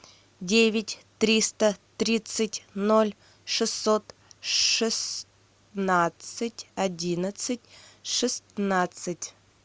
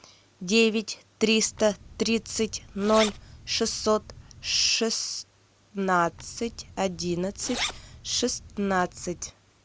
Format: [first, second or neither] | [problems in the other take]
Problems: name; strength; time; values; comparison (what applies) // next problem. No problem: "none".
first | background sound (Zipper (clothing)); 12 dB below the speech